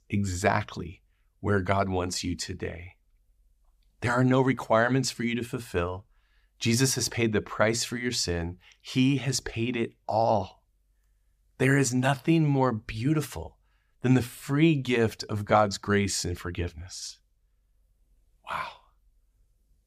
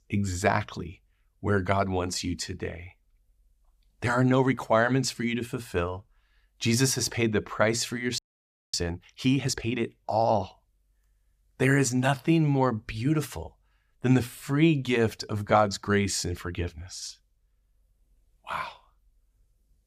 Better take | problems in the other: first | audio freezing; at 8 s for 0.5 s

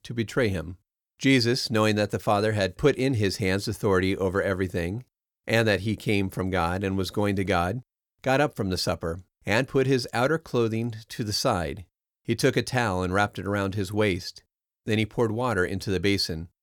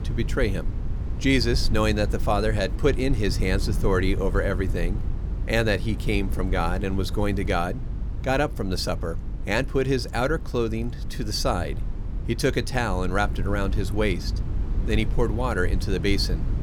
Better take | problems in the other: first | low rumble; noticeable; throughout; 15 dB below the speech

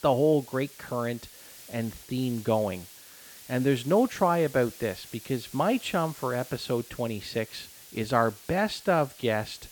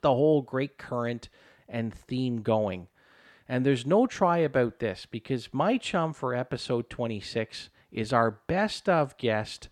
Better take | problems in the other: second | hiss; noticeable; throughout; 15 dB below the speech

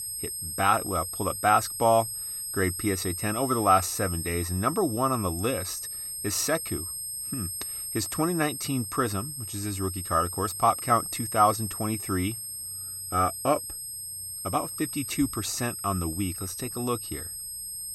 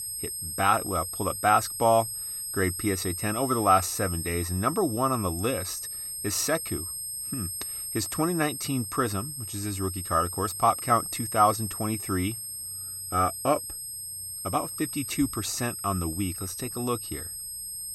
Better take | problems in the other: neither | high-pitched whine; loud; throughout; 8.5 kHz, 5 dB below the speech; the same in both

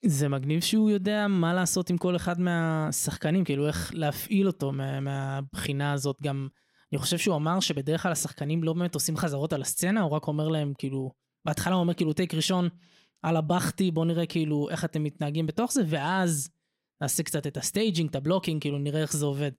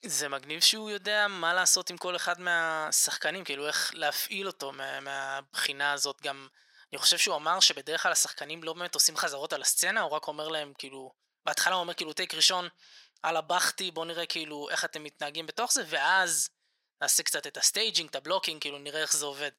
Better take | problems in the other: first | thin; very; fading below 800 Hz

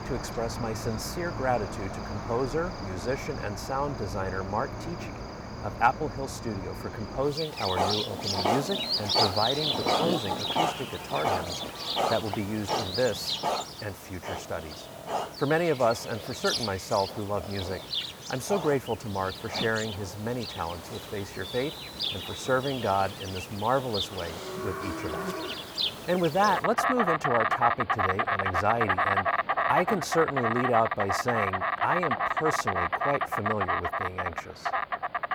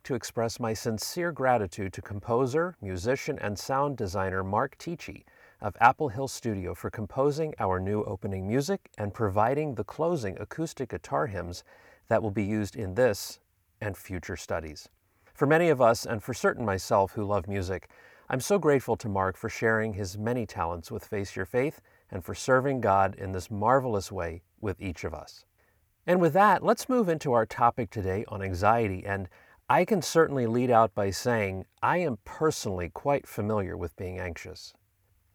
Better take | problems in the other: second | animal sounds; very loud; throughout; as loud as the speech

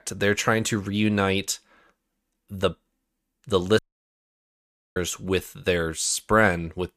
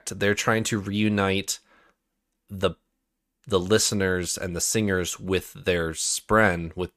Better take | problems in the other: second | audio cutting out; at 4 s for 1 s

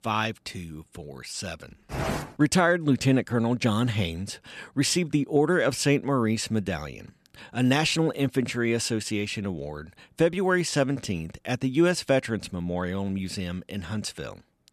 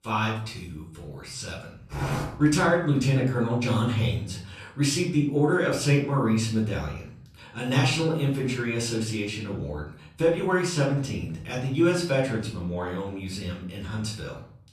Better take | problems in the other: first | off-mic speech; far // room echo; slight; dies away in 0.6 s

